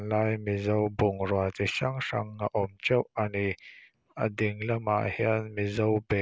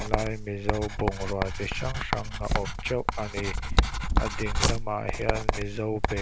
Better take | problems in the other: first | background sound (Writing); 4 dB above the speech

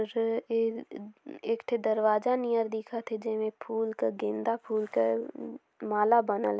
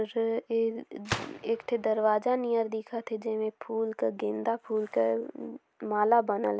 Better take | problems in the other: first | background sound (Gunshot, gunfire); 14 dB below the speech

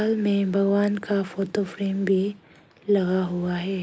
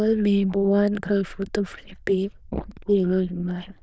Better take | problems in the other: first | noise reduction (neural diffusion model UNIVERSE++)

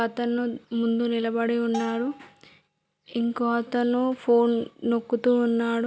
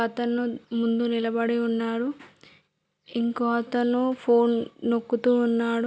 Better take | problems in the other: second | background sound (Bell); 17 dB below the speech

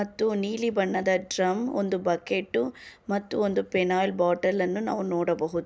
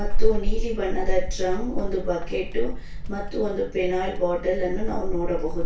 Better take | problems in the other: first | background sound (Squeak / Walk, footsteps); 4 dB above the speech // room echo; dies away in 0.3 s

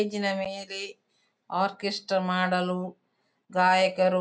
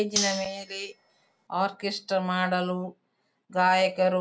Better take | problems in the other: first | background sound (Cutlery, silverware); 6 dB below the speech

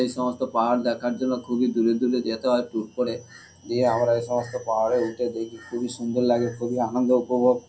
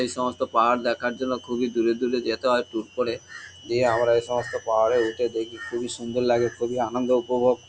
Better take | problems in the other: second | room echo; dies away in 0.3 s

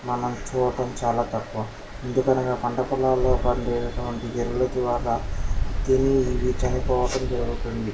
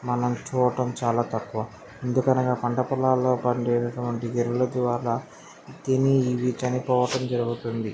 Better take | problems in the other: second | background sound (Stream); 3 dB below the speech // room echo; dies away in 0.2 s

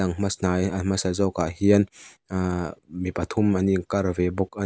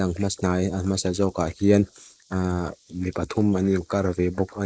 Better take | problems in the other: first | noise reduction (neural mask model Resemble Enhance denoiser)

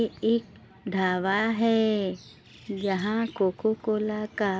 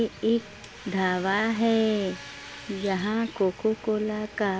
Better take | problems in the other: first | background sound (Domestic sounds, home sounds); 17 dB below the speech

